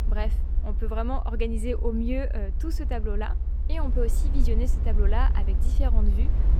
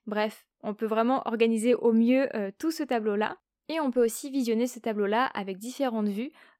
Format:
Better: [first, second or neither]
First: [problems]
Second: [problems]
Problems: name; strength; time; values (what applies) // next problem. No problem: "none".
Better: second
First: low rumble; noticeable; throughout; 10 dB below the speech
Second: none